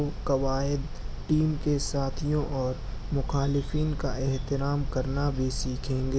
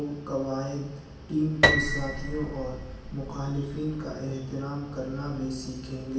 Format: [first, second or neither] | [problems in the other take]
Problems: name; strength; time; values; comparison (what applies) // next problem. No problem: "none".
first | background sound (Piano); 2 dB above the speech // room echo; dies away in 0.9 s